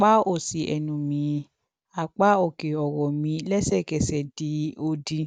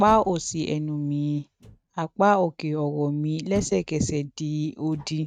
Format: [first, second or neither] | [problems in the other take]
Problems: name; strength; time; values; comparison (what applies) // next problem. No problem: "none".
first | noise reduction (neural mask model RNNoise)